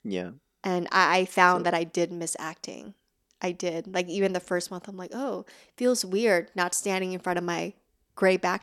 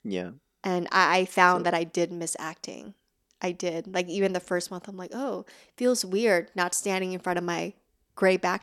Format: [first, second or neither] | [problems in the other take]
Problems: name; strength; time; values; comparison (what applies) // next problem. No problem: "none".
neither | none